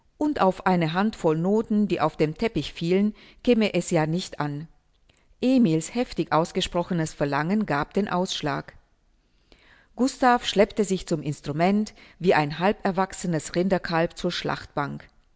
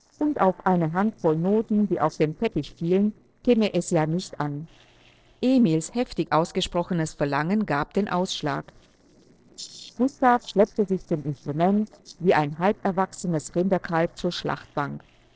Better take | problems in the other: first | noise reduction (neural separator model SepFormer DNS4)

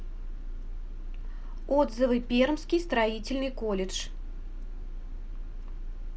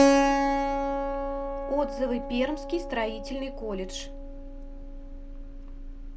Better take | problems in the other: first | background sound (Keyboard (musical)); 4 dB above the speech

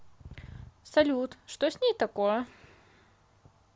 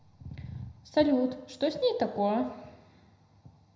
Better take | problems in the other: first | room echo; dies away in 0.7 s

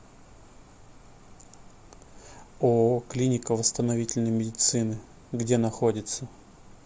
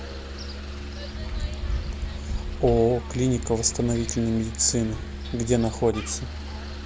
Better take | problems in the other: first | background sound (Musical instrument + Wind); 5 dB below the speech

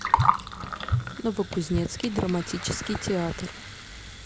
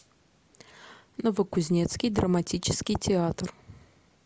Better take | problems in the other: second | background sound (Gurgling); 1 dB above the speech

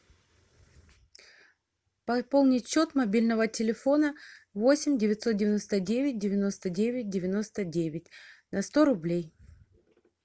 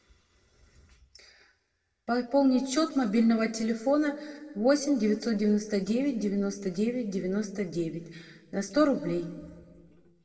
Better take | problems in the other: first | room echo; dies away in 1.3 s

